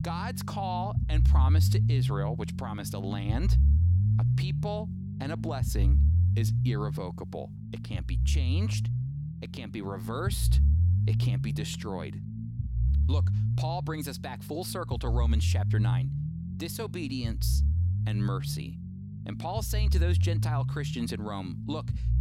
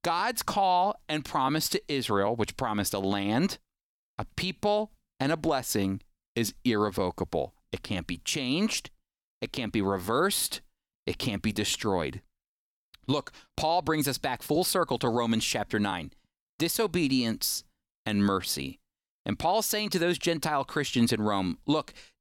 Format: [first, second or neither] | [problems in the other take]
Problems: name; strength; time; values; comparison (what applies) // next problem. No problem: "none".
second | low rumble; loud; throughout; 5 dB below the speech